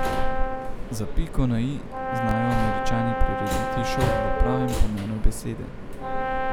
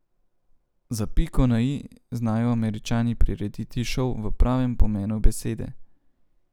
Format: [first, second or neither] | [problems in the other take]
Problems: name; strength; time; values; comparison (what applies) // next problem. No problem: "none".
second | background sound (Subway, metro, underground + Brass instrument); 1 dB below the speech